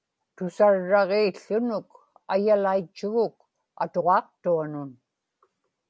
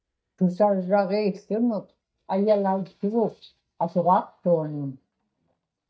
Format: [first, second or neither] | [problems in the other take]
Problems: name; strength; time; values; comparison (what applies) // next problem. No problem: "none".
first | noise reduction (neural mask model DeepFilterNet 3)